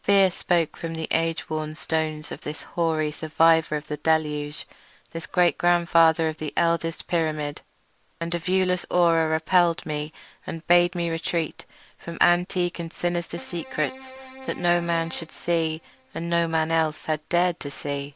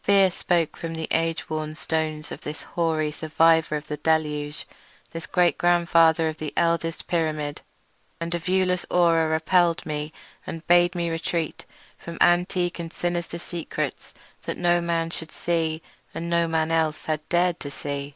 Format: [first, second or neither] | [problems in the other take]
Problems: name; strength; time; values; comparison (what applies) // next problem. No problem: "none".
second | background sound (Keyboard (musical)); 18 dB below the speech